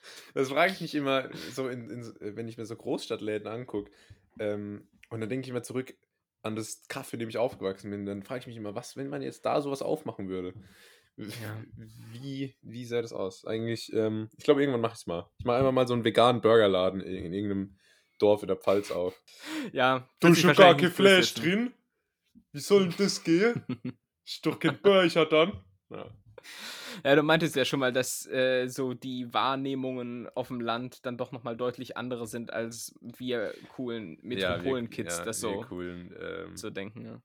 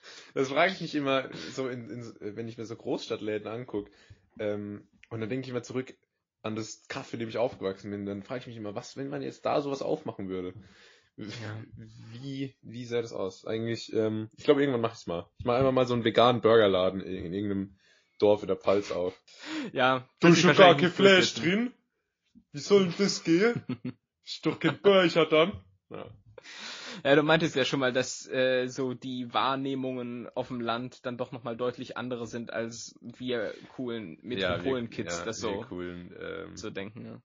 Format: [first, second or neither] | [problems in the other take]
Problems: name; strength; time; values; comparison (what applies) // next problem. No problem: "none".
first | garbled, watery; slightly; nothing above 6.5 kHz